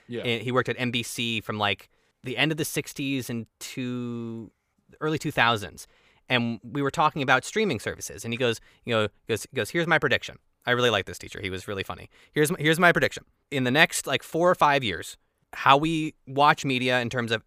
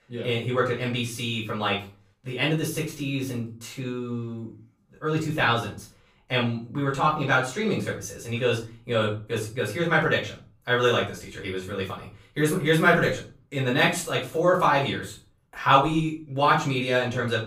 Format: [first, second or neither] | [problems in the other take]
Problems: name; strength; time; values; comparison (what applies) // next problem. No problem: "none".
first | room echo; slight; dies away in 0.4 s // off-mic speech; far